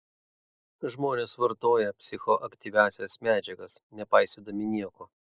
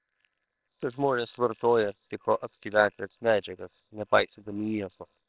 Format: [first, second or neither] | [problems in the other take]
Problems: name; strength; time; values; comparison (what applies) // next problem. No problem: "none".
first | noise reduction (neural separator model SepFormer WHAMR!)